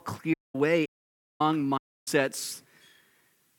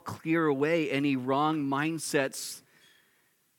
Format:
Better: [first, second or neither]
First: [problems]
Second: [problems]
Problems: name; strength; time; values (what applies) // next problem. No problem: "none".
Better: second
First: audio cutting out; at 0.5 s, at 1 s for 0.5 s and at 2 s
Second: none